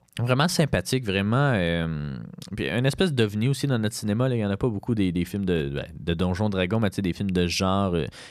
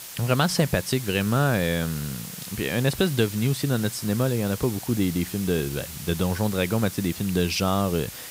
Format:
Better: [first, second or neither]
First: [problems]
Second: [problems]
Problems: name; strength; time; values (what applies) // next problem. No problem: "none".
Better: first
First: none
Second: hiss; noticeable; throughout; 10 dB below the speech